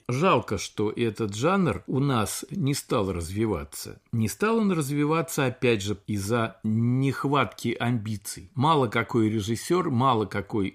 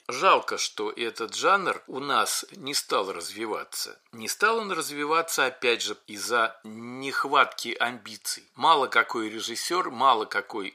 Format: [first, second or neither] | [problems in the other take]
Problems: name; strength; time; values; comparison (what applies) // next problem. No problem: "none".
first | thin; very; fading below 600 Hz